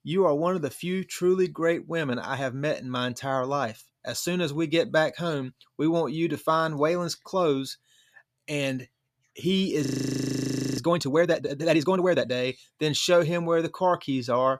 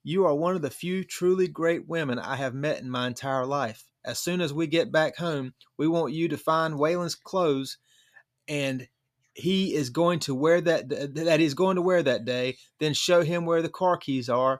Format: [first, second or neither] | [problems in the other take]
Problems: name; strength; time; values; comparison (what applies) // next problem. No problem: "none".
second | audio freezing; at 10 s for 1 s